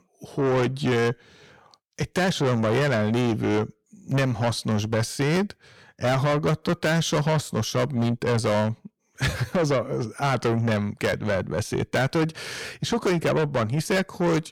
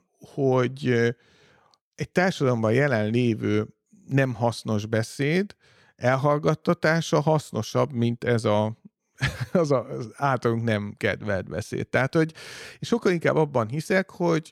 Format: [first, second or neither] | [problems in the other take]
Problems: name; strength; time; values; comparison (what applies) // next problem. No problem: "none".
second | distortion; heavy; 6 dB below the speech